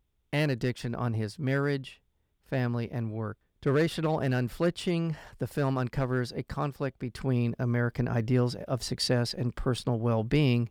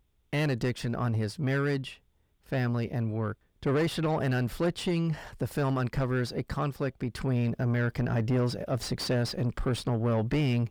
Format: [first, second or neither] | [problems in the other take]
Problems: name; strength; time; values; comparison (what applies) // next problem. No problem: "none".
first | distortion; slight; 10 dB below the speech